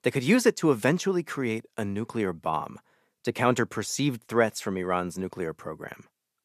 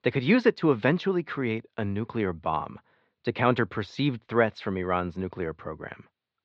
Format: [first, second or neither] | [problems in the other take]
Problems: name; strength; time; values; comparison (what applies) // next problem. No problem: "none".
first | muffled; slightly; fading above 4 kHz